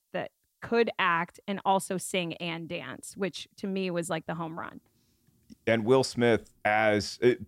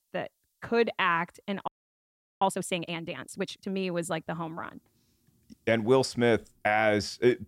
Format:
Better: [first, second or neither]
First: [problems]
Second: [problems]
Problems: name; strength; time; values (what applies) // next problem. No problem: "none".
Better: first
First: none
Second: audio freezing; at 1.5 s for 0.5 s